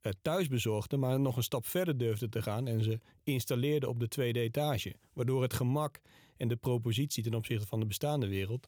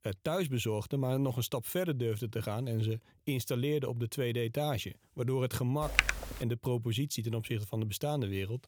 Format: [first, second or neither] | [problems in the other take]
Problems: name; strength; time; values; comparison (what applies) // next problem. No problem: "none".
first | keyboard typing; loud; at 6 s; peak 5 dB above the speech